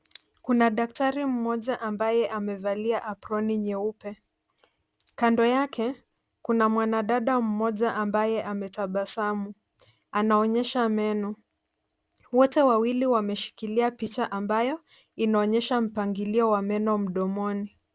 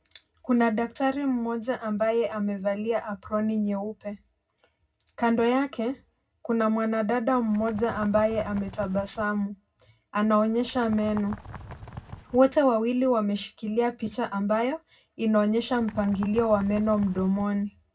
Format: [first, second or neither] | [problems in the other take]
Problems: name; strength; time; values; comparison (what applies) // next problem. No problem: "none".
first | background sound (Bird); 16 dB below the speech // room echo; dies away in 0.4 s